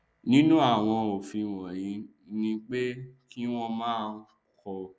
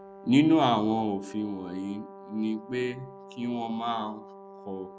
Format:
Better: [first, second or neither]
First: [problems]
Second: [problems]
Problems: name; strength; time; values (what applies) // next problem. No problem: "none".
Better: first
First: none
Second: background sound (Brass instrument); 18 dB below the speech